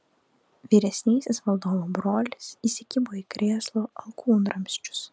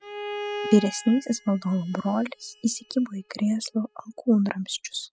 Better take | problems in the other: first | noise reduction (classical method spectral subtraction)

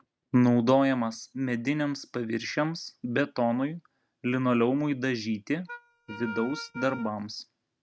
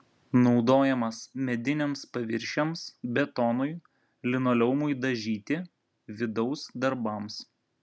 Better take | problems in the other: second | noise reduction (neural mask model RNNoise)

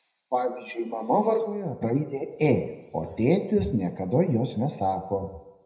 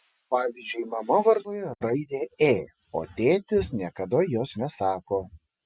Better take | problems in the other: second | room echo; dies away in 0.7 s

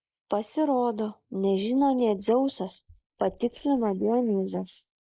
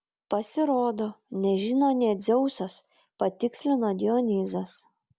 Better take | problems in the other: second | noise reduction (neural mask model Resemble Enhance denoiser)

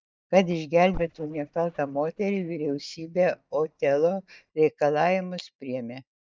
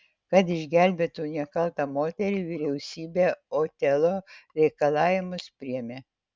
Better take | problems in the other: second | noise reduction (neural mask model DeepFilterNet 3)

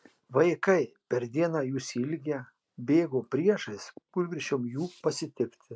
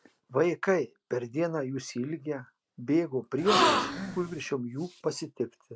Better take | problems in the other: first | background sound (Gasp); 4 dB above the speech

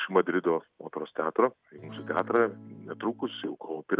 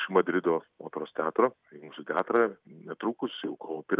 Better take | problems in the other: second | background sound (Acoustic guitar / Strum); 17 dB below the speech

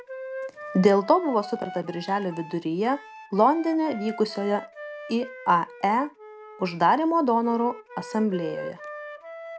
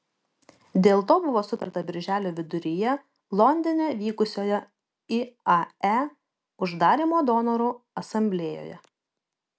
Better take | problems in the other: second | background sound (Wind instrument, woodwind instrument); 14 dB below the speech

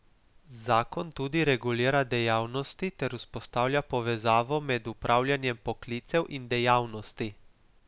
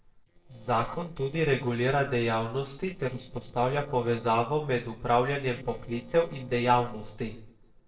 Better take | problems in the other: first | noise reduction (neural separator model SepFormer DNS4)

